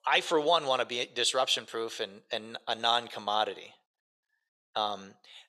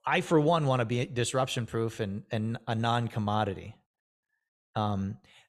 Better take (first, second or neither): second